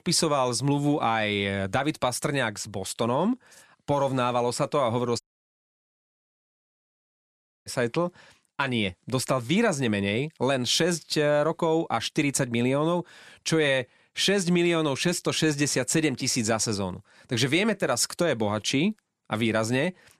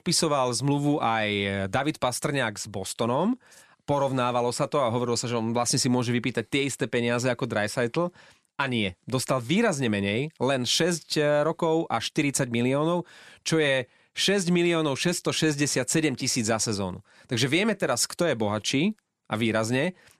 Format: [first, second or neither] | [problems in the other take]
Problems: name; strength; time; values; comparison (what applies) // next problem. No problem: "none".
second | audio cutting out; at 5 s for 2.5 s